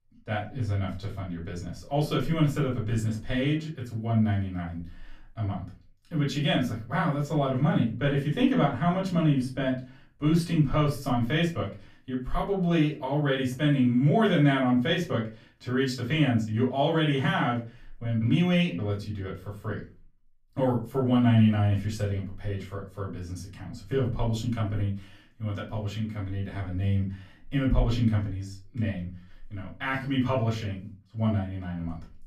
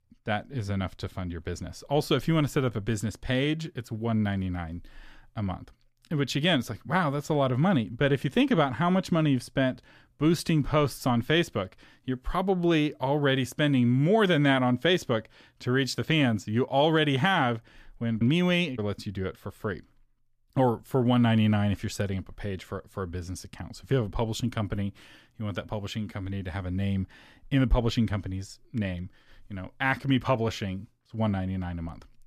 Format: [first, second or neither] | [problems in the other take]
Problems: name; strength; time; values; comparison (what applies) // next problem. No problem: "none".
second | off-mic speech; far // room echo; slight; dies away in 0.3 s